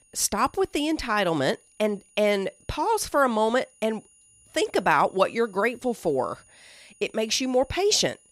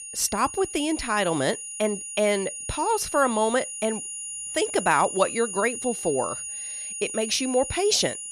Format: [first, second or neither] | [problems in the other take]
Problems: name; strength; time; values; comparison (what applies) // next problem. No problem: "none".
first | high-pitched whine; loud; throughout; 9.5 kHz, 7 dB below the speech; faint in the first